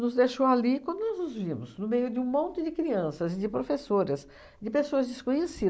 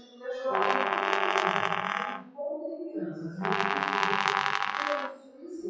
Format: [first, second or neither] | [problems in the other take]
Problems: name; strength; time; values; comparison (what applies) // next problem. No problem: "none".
first | noise reduction (classical method WPE with log-MMSE)